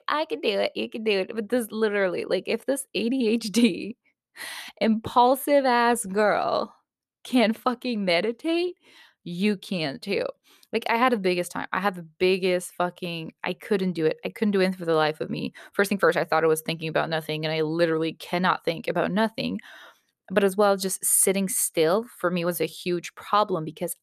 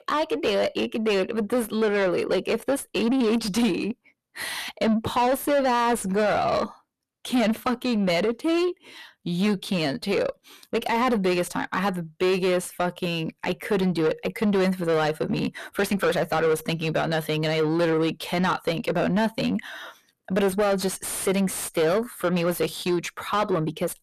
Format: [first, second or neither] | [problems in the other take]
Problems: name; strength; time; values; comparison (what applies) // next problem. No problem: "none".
first | distortion; heavy; 7 dB below the speech